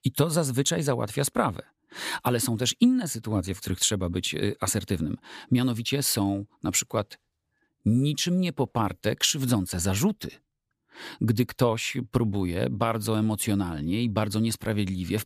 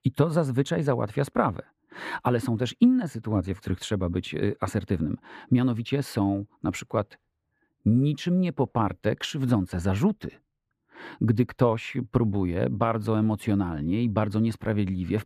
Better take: first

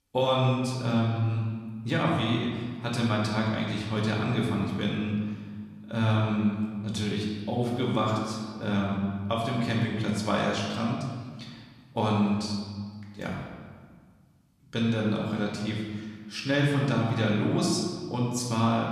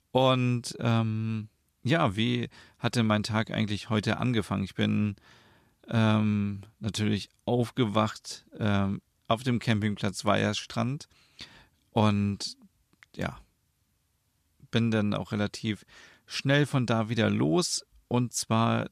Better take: second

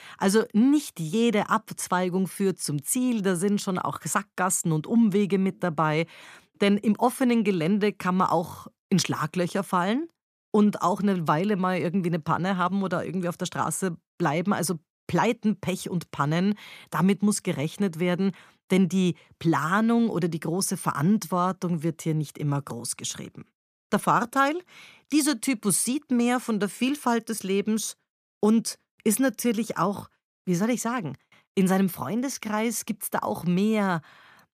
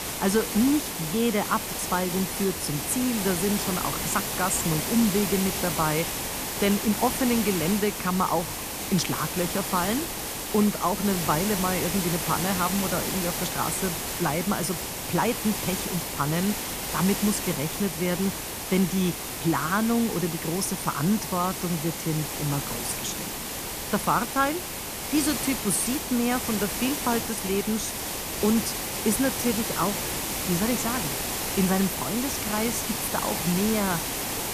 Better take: first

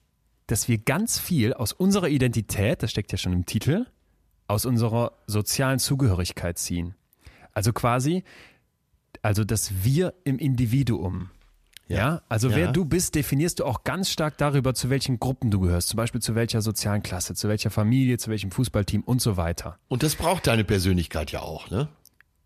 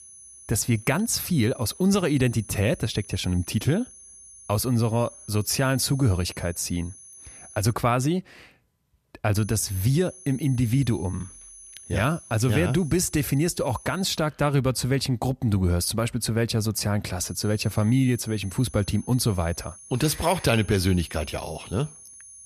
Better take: first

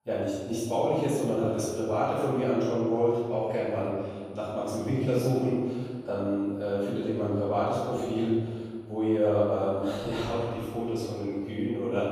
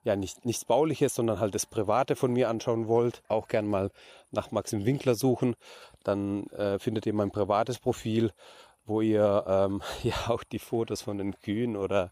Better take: second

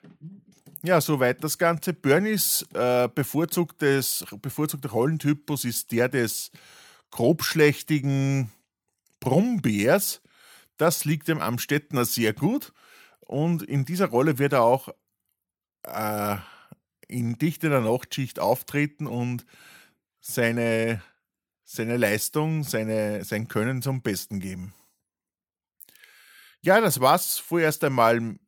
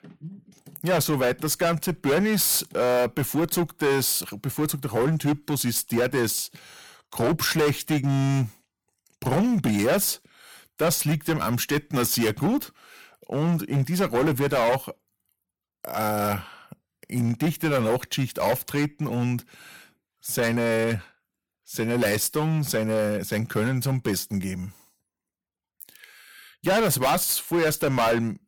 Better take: first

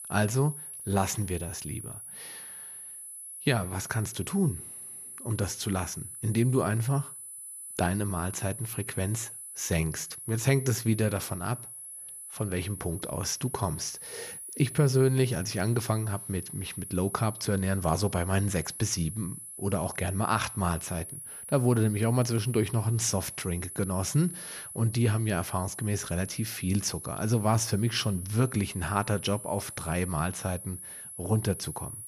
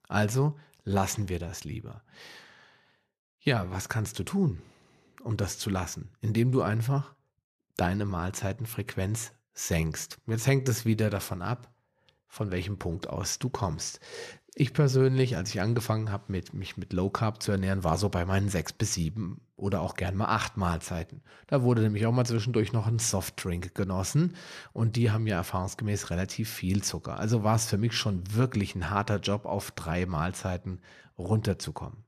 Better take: second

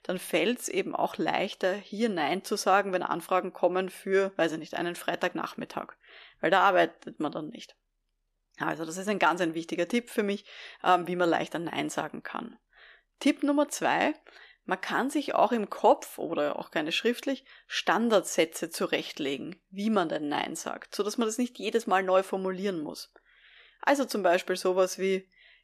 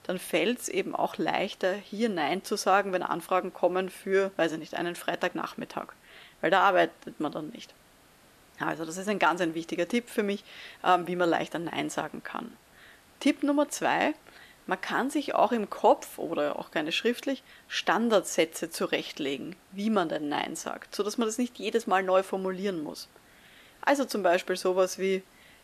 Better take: first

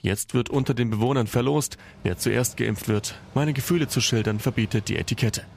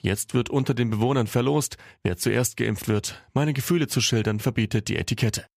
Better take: second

